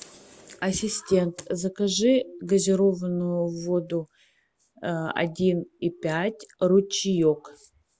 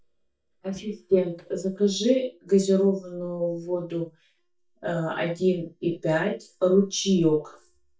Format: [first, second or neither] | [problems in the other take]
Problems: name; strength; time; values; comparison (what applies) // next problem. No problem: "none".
first | noise reduction (neural mask model DeepFilterNet 3)